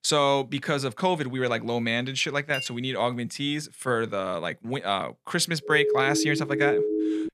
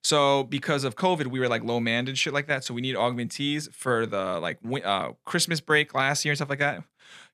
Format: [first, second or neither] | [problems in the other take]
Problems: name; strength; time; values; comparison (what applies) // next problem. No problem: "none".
second | clattering dishes; noticeable; at 2.5 s; peak 8 dB below the speech // siren; loud; from 5.5 s on; peak 2 dB above the speech